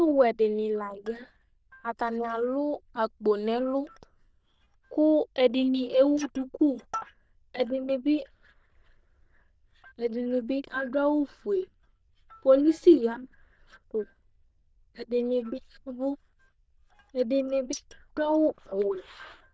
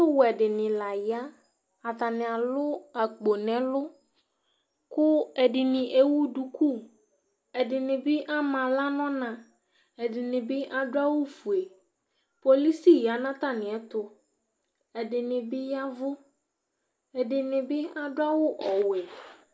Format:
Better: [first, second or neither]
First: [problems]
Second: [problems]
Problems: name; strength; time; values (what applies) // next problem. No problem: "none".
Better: second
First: noise reduction (neural diffusion model UNIVERSE++)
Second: none